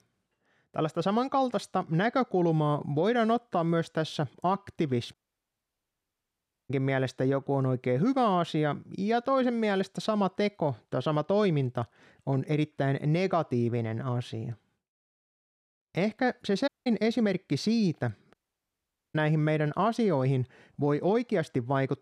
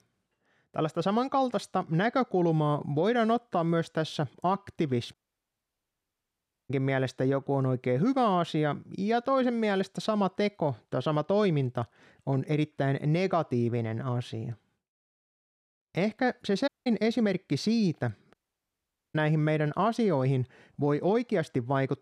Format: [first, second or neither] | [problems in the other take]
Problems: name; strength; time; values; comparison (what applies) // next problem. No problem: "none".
neither | audio cutting out; at 5 s for 1.5 s, at 17 s and at 18 s for 1 s; the same in both